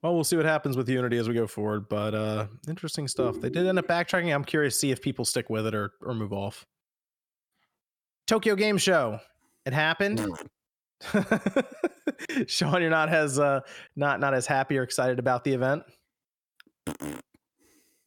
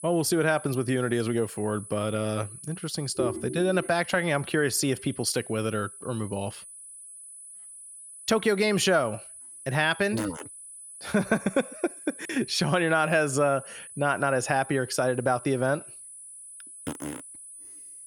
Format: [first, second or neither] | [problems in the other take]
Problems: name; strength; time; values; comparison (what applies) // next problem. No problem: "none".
first | high-pitched whine; noticeable; throughout; 10 kHz, 15 dB below the speech